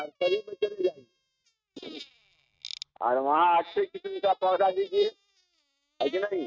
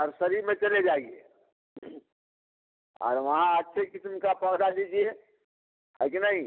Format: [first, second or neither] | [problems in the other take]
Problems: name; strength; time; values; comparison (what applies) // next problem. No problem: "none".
second | noise reduction (neural mask model RNNoise)